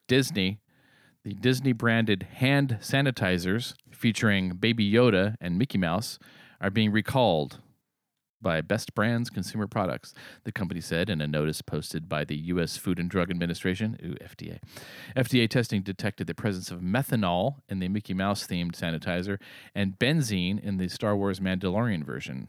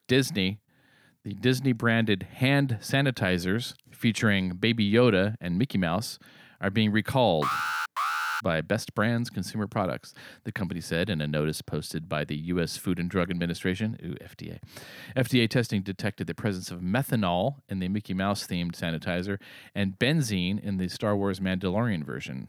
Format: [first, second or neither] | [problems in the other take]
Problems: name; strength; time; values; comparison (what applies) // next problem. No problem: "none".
first | alarm; loud; at 7.5 s; peak level with the speech